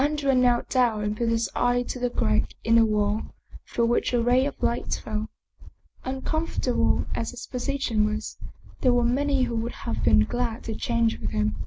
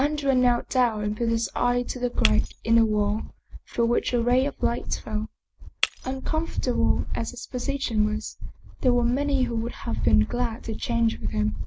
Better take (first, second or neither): first